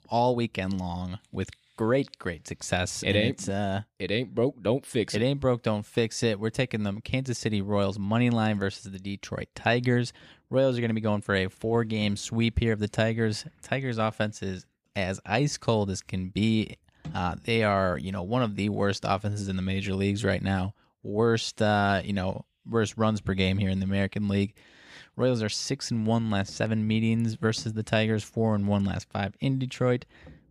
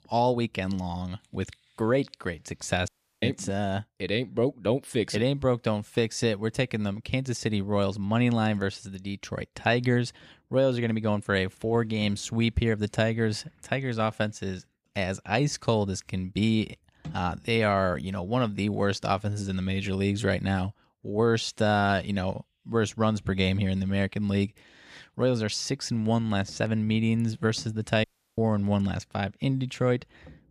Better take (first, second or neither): first